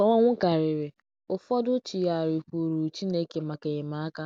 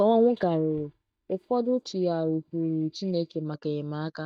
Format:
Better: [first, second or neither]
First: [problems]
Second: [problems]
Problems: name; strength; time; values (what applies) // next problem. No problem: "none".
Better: first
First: none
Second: noise reduction (neural mask model DeepFilterNet 3)